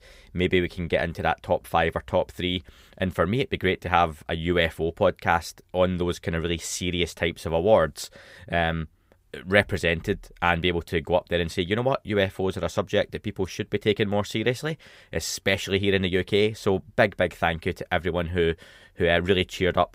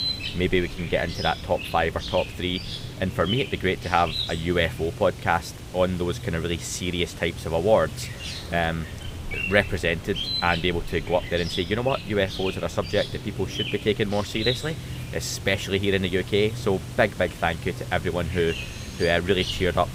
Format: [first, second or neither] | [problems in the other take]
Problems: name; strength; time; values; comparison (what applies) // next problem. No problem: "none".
first | animal sounds; loud; throughout; 8 dB below the speech